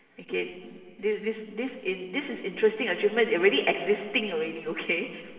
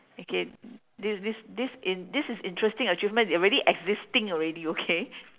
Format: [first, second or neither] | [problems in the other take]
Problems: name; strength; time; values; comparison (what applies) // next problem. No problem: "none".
second | room echo; dies away in 2.9 s